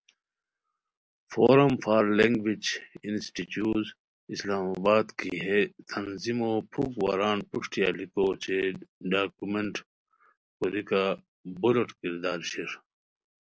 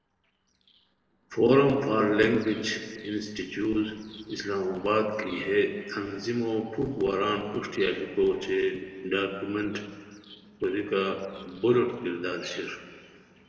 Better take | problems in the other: first | noise reduction (neural separator model SepFormer DNS4)

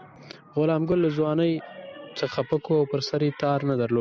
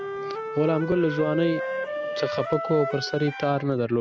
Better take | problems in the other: first | background sound (Wind instrument, woodwind instrument); 6 dB below the speech

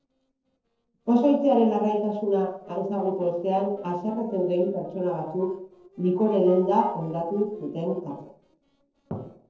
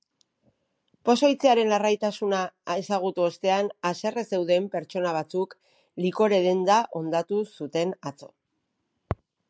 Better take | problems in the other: second | noise reduction (neural separator model SepFormer DNS4)

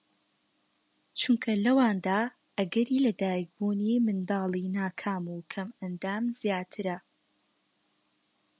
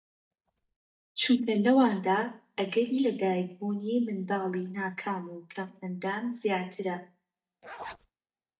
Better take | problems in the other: first | noise reduction (neural mask model DeepFilterNet 3)

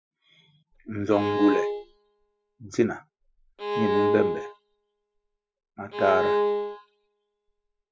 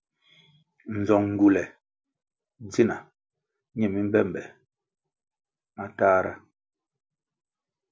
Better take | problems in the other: second | noise reduction (classical method spectral subtraction)

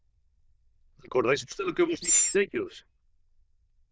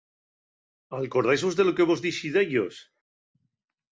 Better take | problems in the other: second | noise reduction (neural diffusion model UNIVERSE++)

